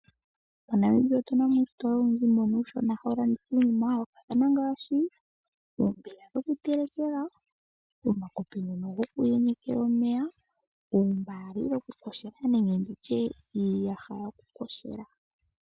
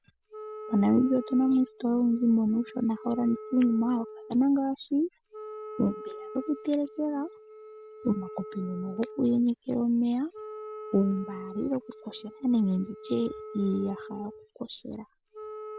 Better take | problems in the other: first | background sound (Wind instrument, woodwind instrument); 15 dB below the speech

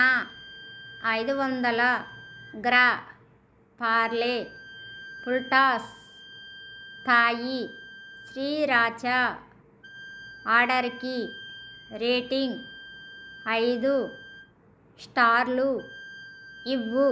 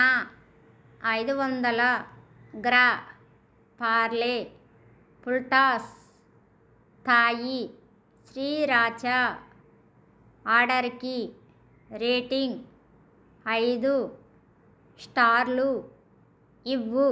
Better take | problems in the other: second | background sound (Wind instrument, woodwind instrument); 18 dB below the speech

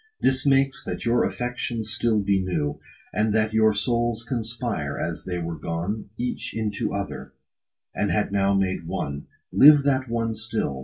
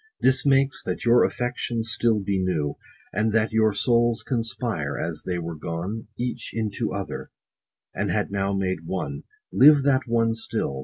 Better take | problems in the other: second | room echo; dies away in 0.2 s

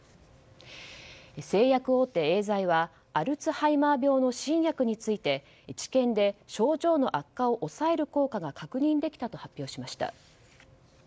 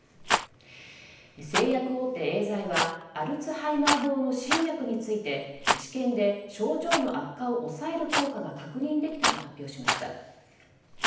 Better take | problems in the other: first | background sound (Rattle); 3 dB below the speech // room echo; dies away in 0.9 s

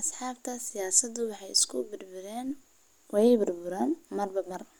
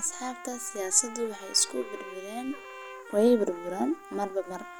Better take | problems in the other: first | background sound (Bowed string instrument + Trumpet); 15 dB below the speech

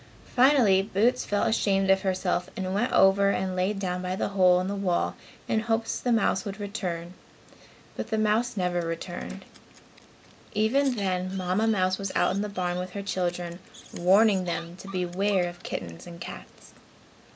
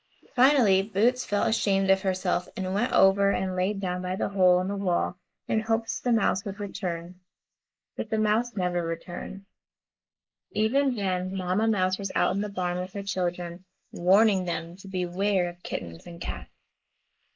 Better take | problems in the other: first | noise reduction (neural mask model Resemble Enhance denoiser)

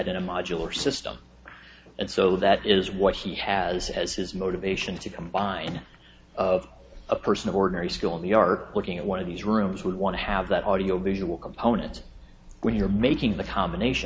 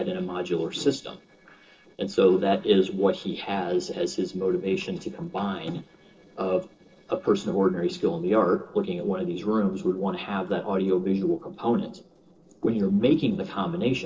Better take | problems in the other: first | noise reduction (neural separator model SepFormer DNS4)

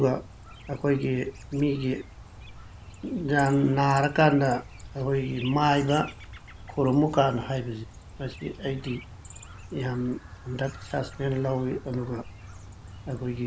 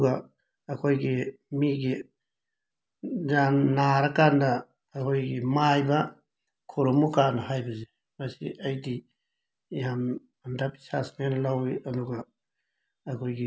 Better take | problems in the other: second | background sound (Chirp, tweet); 16 dB below the speech

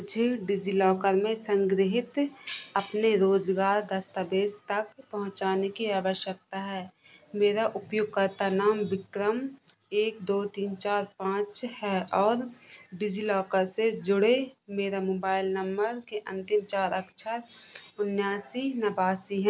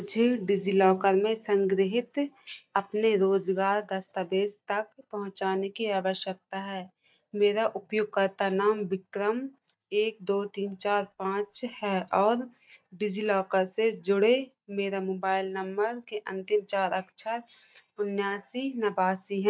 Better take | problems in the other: first | noise reduction (neural mask model DeepFilterNet 3)

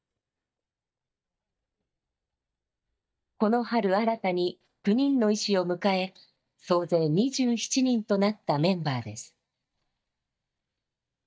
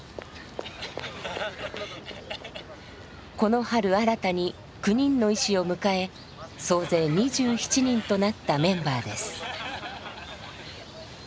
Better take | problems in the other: second | noise reduction (neural mask model DeepFilterNet 3)

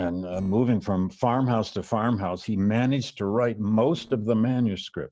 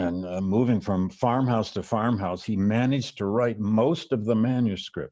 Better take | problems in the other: second | noise reduction (neural separator model SepFormer DNS4)

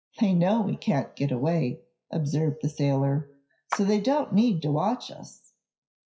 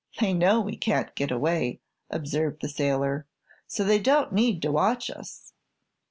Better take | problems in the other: second | noise reduction (classical method WPE with log-MMSE)

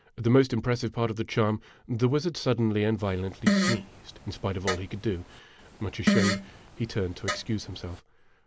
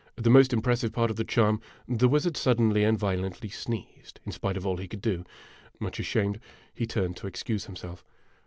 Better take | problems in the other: second | background sound (Fart); 2 dB below the speech

